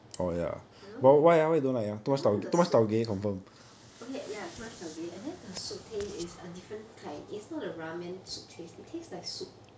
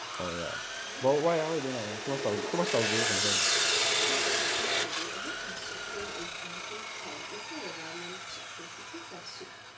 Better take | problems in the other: first | background sound (Sawing); 3 dB above the speech

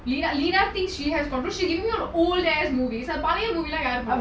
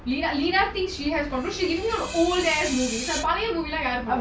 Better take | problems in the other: first | background sound (Screech); 11 dB below the speech

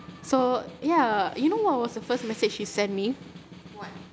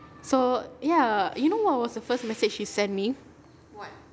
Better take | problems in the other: second | background sound (Snare drum); 19 dB below the speech

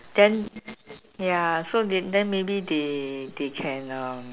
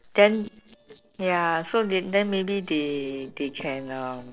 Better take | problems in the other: first | noise reduction (neural separator model SepFormer DNS4)

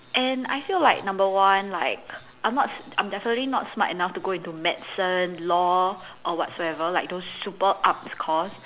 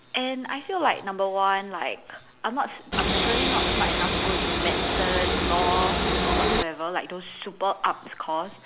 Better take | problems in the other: first | background sound (Train); 4 dB above the speech

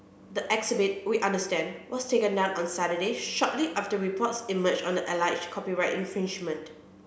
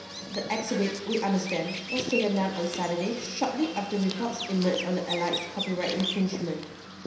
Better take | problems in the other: first | background sound (Bird vocalization, bird call, bird song); 8 dB below the speech // room echo; dies away in 0.9 s

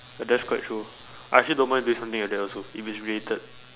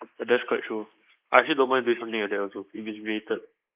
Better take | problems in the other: first | noise reduction (neural mask model Resemble Enhance denoiser)

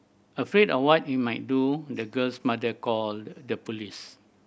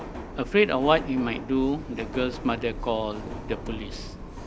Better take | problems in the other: first | background sound (Subway, metro, underground); 9 dB below the speech

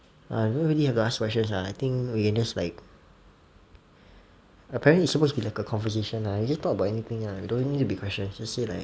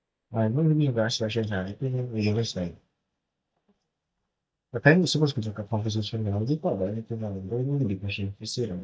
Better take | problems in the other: first | noise reduction (neural mask model DeepFilterNet 3)

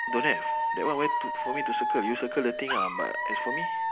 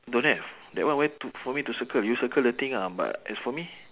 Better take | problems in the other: second | background sound (Alarm / Dog); 2 dB above the speech

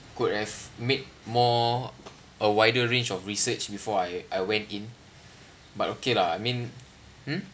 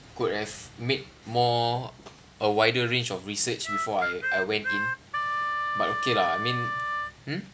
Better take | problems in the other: first | background sound (Harmonica); 1 dB below the speech

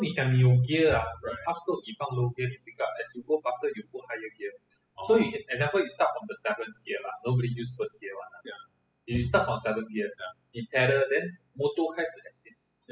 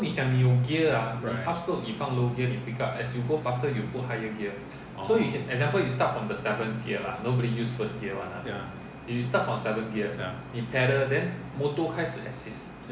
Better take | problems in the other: second | noise reduction (classical method spectral subtraction)

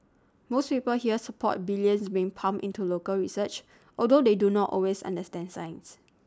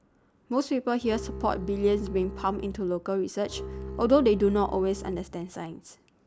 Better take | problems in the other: first | background sound (Bowed string instrument); 11 dB below the speech

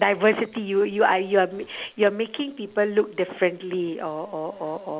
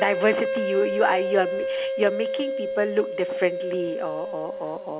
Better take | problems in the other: first | background sound (Wind instrument, woodwind instrument); 2 dB below the speech

